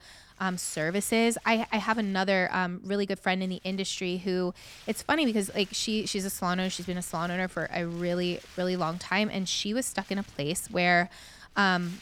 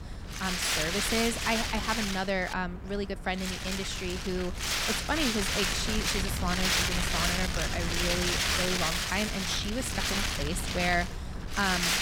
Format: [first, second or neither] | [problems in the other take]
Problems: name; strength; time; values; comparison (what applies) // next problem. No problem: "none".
first | wind noise on the microphone; heavy; 3 dB above the speech; occasional gusts in the first